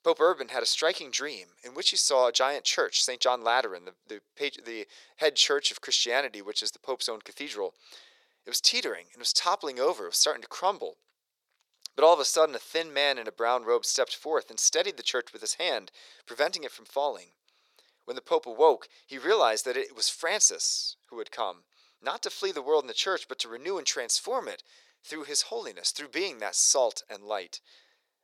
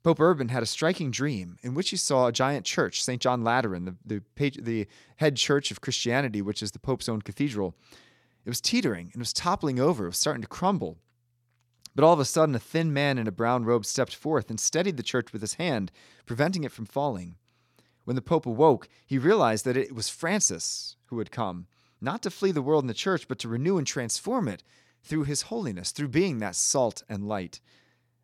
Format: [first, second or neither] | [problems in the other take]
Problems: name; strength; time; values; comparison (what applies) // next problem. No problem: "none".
second | thin; very; fading below 450 Hz